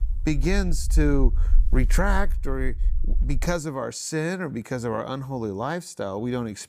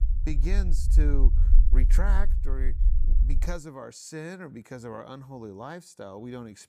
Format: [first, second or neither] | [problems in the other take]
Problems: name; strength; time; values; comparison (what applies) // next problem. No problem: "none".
first | low rumble; loud; until 3.5 s; 9 dB below the speech; faint in the first